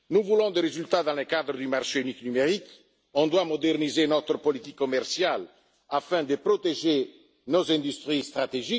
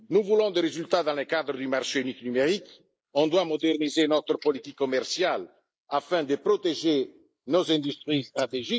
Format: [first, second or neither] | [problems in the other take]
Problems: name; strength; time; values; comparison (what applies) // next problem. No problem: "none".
first | noise reduction (neural mask model Resemble Enhance denoiser)